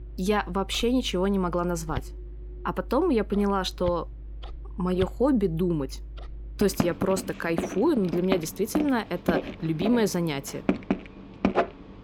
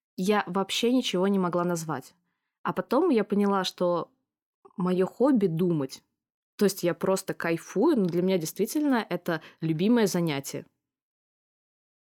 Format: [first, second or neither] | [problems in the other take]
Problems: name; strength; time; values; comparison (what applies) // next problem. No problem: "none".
second | household noises; loud; throughout; 8 dB below the speech